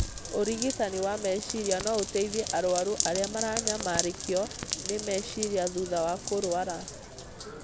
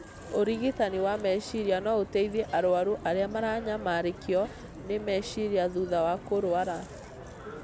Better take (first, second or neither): second